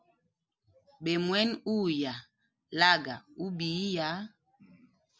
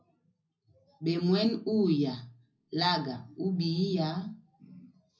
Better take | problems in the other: first | room echo; dies away in 0.4 s

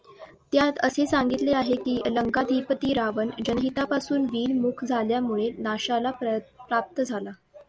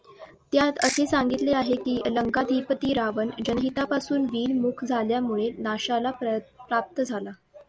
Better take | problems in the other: first | background sound (Ratchet, pawl / Percussion); 5 dB below the speech

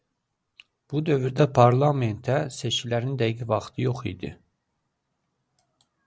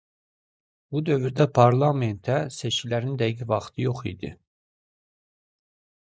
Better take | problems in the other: first | noise reduction (neural mask model Resemble Enhance denoiser)

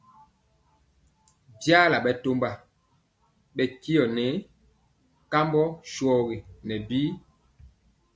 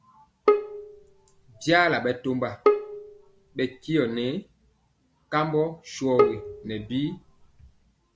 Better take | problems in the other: first | background sound (Bowed string instrument); as loud as the speech

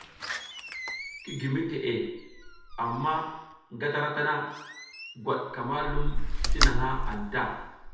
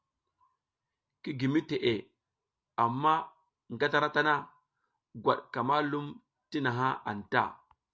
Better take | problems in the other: second | background sound (Slam); 2 dB above the speech // room echo; dies away in 0.9 s

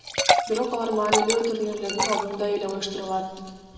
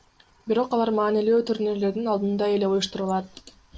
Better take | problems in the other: second | background sound (Liquid); 1 dB below the speech // room echo; dies away in 1.8 s

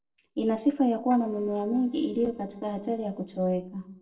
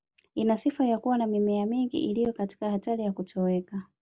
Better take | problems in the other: second | noise reduction (neural separator model SepFormer DNS4)

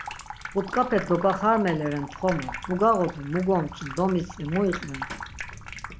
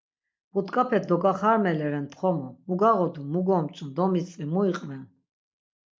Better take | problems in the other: second | background sound (Sink (filling or washing) / Water tap, faucet); 12 dB below the speech

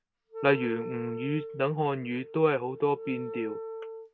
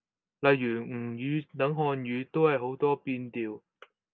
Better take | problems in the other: second | background sound (Wind instrument, woodwind instrument); 10 dB below the speech

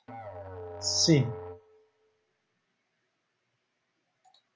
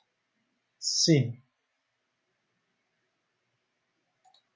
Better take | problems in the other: second | background sound (Musical instrument); 10 dB below the speech

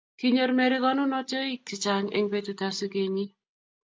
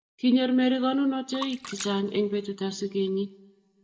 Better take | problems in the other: first | background sound (Splash, splatter); 18 dB below the speech // room echo; dies away in 0.7 s

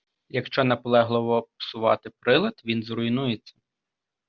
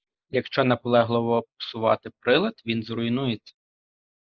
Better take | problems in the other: first | noise reduction (neural mask model Resemble Enhance denoiser)

